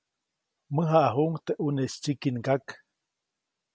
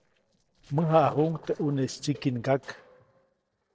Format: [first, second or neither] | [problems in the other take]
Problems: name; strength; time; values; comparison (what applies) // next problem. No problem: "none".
first | noise reduction (neural separator model SepFormer DNS4)